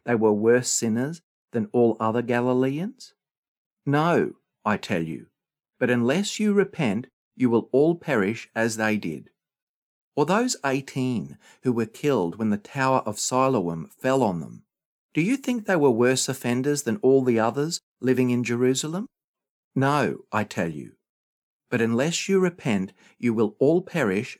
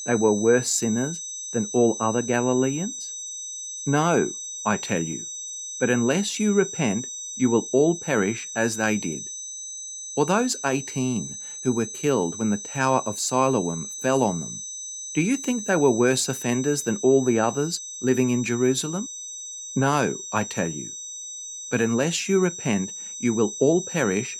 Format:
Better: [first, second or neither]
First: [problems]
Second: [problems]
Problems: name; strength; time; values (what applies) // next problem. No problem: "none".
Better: first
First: none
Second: high-pitched whine; loud; throughout; 6 kHz, 8 dB below the speech